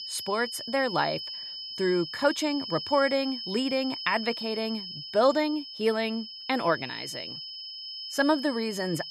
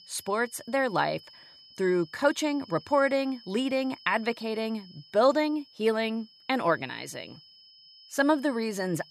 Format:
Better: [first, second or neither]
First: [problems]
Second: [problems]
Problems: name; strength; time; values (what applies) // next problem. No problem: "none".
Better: second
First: high-pitched whine; loud; throughout; 5 kHz, 8 dB below the speech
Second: high-pitched whine; faint; throughout; 5 kHz, 25 dB below the speech